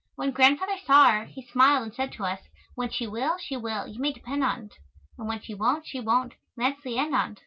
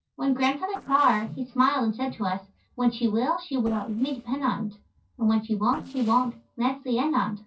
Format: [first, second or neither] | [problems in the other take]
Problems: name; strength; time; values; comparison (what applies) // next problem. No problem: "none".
first | noise reduction (neural separator model SepFormer DNS4)